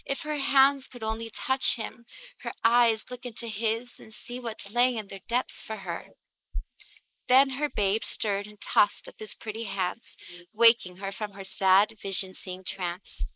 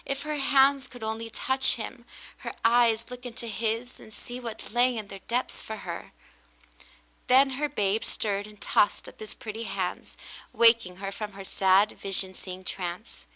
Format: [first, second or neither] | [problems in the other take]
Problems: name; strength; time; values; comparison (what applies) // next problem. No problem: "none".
second | noise reduction (neural mask model Resemble Enhance denoiser)